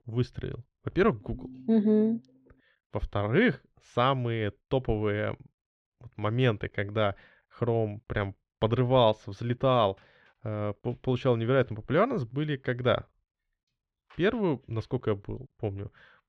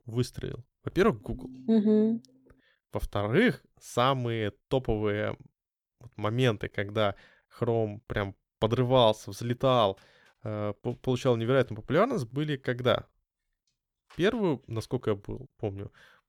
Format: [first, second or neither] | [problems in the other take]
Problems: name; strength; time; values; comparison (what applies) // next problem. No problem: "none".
second | muffled; slightly; fading above 2.5 kHz